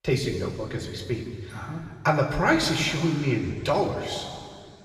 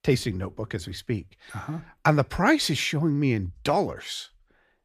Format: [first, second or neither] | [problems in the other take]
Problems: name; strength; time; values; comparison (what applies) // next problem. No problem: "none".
second | room echo; noticeable; dies away in 2.2 s // off-mic speech; somewhat distant